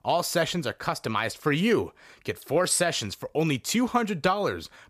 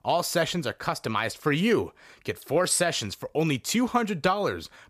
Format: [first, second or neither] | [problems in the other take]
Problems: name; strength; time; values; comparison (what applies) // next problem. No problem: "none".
neither | none